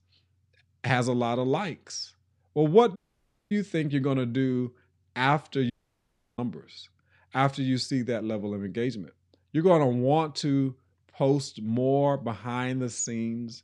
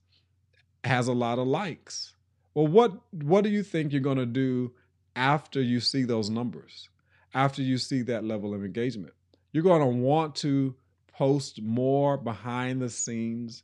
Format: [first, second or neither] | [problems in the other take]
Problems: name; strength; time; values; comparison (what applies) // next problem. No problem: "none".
second | audio cutting out; at 3 s for 0.5 s and at 5.5 s for 0.5 s